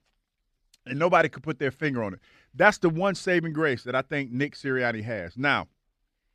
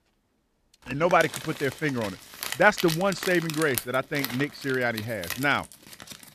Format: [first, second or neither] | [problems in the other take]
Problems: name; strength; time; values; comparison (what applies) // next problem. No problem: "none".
first | household noises; loud; throughout; 9 dB below the speech